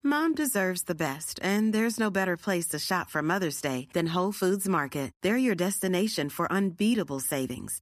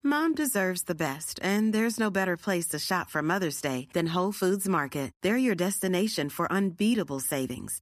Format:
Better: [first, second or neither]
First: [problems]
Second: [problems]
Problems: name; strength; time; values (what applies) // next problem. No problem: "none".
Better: neither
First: none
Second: none